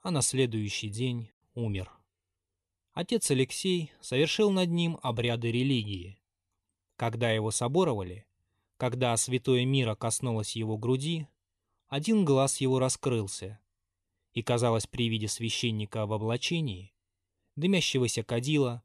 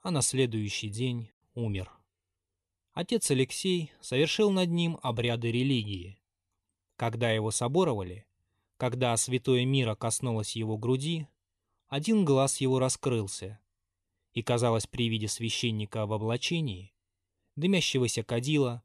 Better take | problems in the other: neither | none

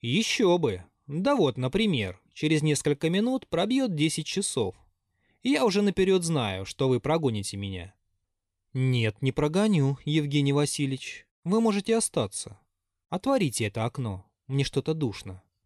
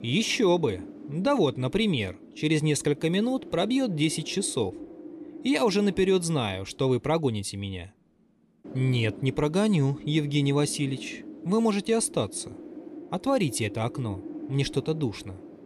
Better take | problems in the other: first | wind noise on the microphone; occasional gusts; 15 dB below the speech

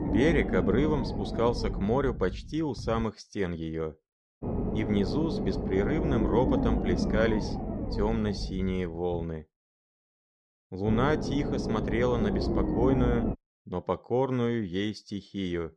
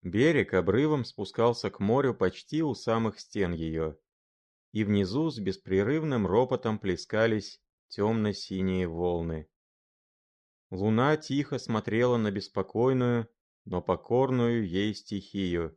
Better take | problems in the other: second | low rumble; loud; until 3 s, from 4.5 to 9 s and from 11 to 13 s; 4 dB below the speech

